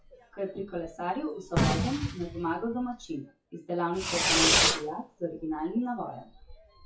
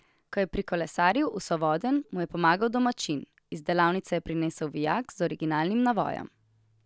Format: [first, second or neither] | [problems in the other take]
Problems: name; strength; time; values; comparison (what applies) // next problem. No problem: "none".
second | noise reduction (classical method WPE with log-MMSE)